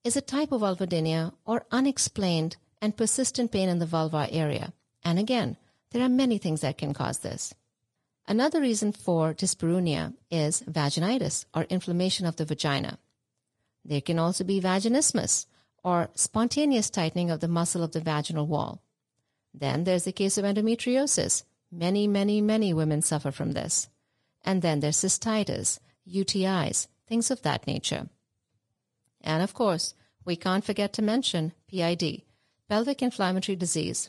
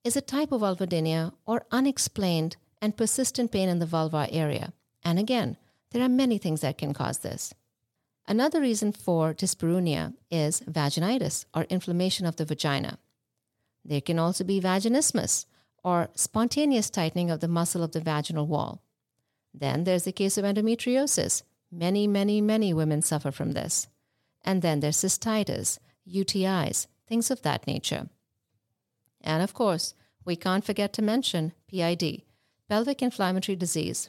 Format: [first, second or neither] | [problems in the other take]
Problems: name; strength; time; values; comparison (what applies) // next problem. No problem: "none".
second | garbled, watery; slightly; nothing above 10.5 kHz